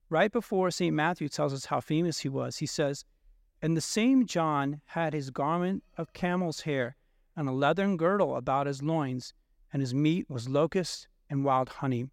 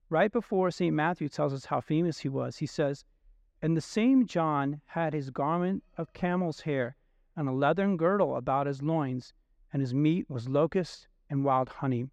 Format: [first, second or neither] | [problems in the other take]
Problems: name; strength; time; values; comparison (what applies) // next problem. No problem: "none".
first | muffled; slightly; fading above 2 kHz